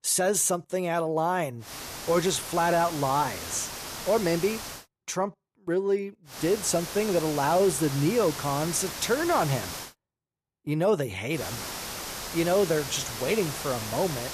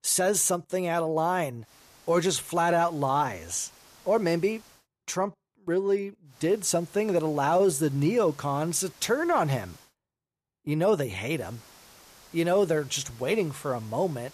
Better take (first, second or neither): second